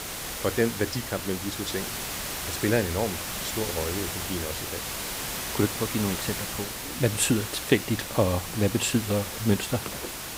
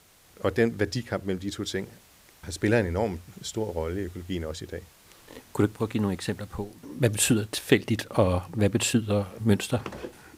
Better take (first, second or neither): second